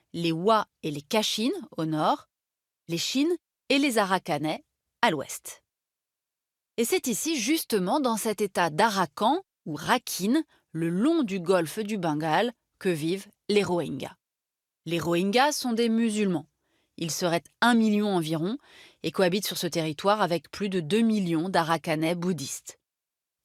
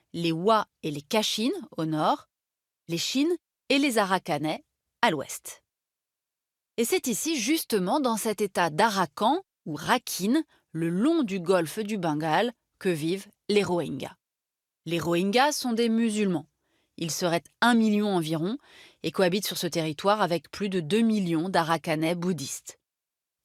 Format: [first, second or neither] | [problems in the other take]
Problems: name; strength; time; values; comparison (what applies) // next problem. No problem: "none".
neither | none